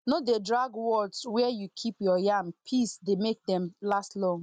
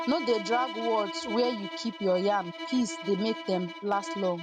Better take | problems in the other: first | background sound (Bowed string instrument); 9 dB below the speech

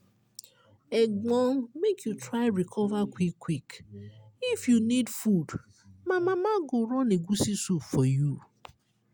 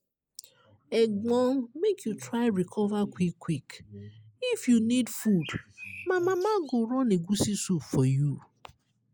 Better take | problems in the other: first | noise reduction (neural mask model Resemble Enhance denoiser)

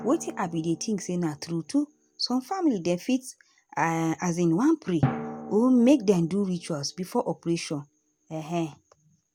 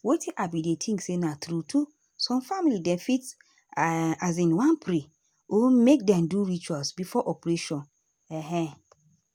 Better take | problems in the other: second | background sound (Drum); 13 dB below the speech

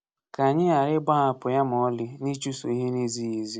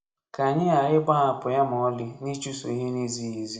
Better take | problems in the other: first | room echo; dies away in 0.9 s

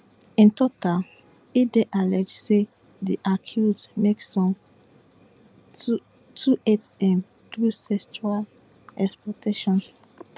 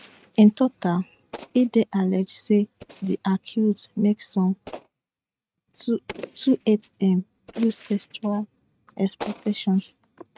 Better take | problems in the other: first | noise reduction (neural mask model RNNoise)

